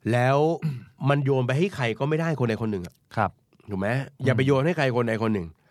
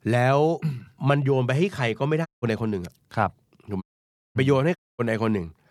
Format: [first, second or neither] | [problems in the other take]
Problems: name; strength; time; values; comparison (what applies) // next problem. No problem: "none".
first | audio cutting out; at 2.5 s, at 4 s for 0.5 s and at 5 s